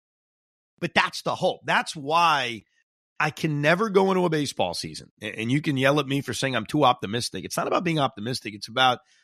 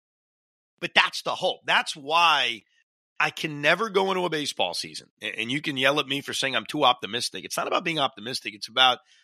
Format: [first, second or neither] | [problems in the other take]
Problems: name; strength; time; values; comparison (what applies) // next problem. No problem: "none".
first | thin; very slightly; fading below 900 Hz